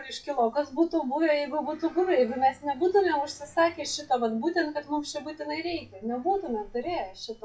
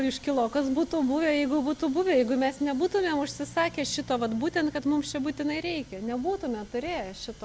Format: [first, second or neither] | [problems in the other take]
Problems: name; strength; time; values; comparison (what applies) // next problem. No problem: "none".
second | noise reduction (classical method WPE with log-MMSE)